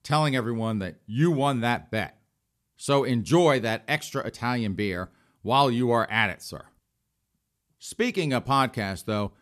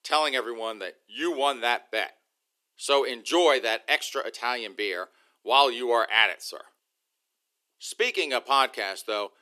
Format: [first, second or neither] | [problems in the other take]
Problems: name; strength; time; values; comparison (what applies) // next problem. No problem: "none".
first | thin; very; fading below 350 Hz